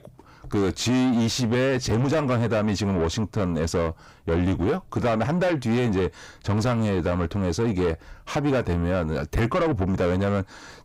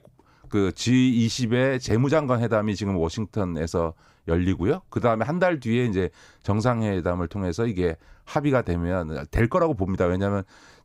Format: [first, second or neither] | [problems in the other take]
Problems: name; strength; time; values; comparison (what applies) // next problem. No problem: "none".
second | distortion; heavy; 8 dB below the speech